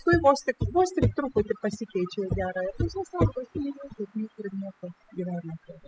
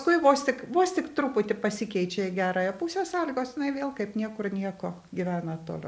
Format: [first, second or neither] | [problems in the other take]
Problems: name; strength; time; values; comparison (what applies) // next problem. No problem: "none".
second | noise reduction (classical method spectral subtraction)